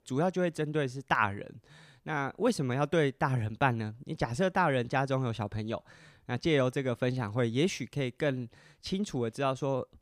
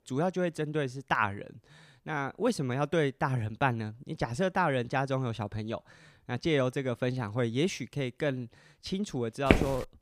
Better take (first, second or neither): first